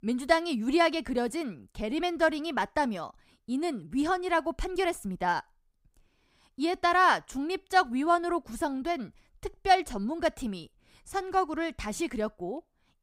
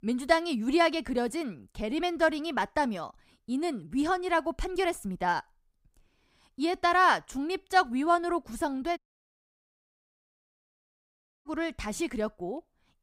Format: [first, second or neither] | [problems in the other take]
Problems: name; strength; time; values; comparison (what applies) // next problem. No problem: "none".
first | audio cutting out; at 9 s for 2.5 s